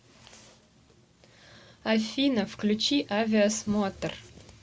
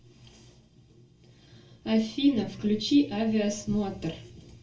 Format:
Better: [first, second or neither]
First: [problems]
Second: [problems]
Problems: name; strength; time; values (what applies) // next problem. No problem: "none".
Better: first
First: none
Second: room echo; dies away in 0.3 s